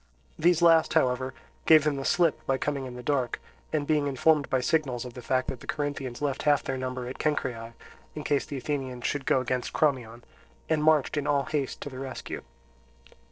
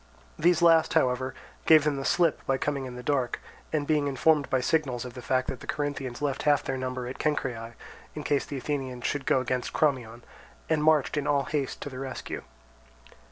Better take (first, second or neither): second